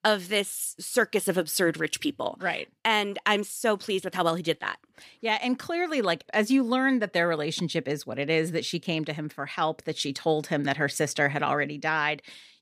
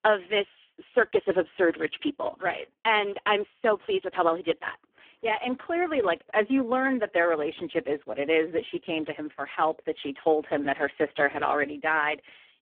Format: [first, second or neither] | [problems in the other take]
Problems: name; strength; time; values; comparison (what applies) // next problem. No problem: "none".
first | phone-call audio; poor line